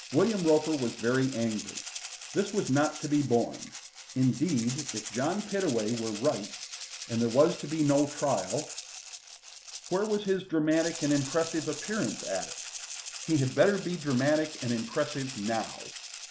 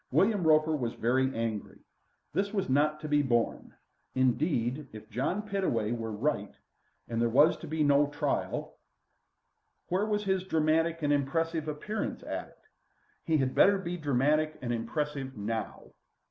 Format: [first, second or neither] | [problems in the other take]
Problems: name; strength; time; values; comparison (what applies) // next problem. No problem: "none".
second | background sound (Rattle (instrument)); 12 dB below the speech